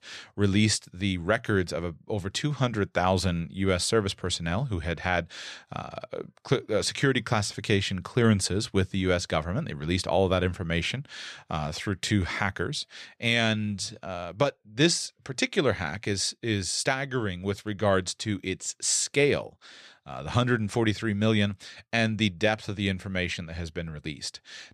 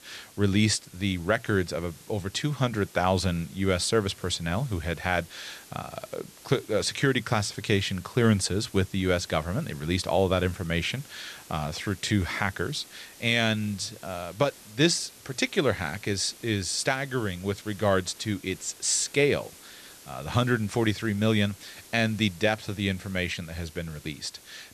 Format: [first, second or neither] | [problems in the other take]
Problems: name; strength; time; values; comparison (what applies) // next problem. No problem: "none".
first | hiss; faint; throughout; 20 dB below the speech